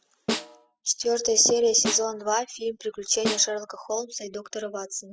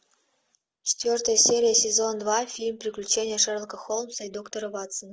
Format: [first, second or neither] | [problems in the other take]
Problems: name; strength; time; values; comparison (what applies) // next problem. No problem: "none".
second | noise reduction (classical method spectral subtraction)